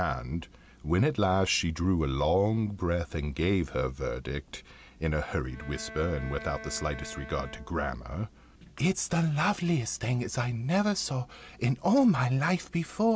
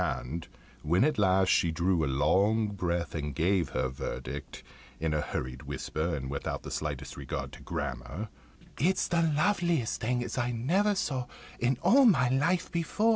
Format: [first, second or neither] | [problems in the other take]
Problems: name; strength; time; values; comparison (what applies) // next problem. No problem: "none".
second | background sound (Bowed string instrument); 17 dB below the speech